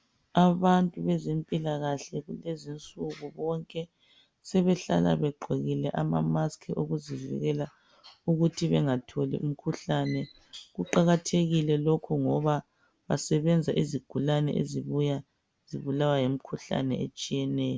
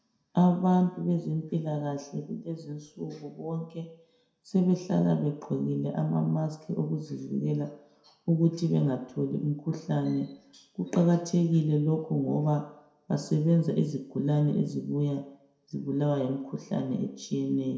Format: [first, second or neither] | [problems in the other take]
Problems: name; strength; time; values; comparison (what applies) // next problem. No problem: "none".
first | room echo; dies away in 0.5 s